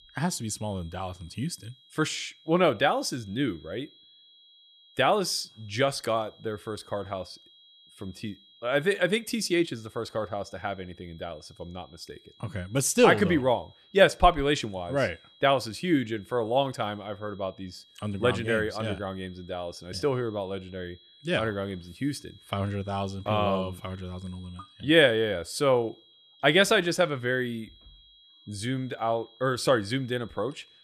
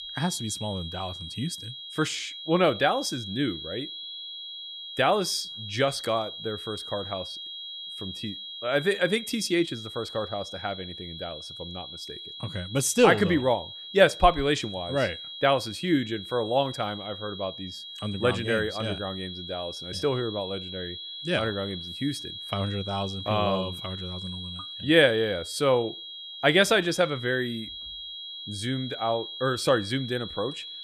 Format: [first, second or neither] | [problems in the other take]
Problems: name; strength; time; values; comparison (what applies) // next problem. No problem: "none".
first | high-pitched whine; loud; throughout; 3.5 kHz, 10 dB below the speech; faint in the first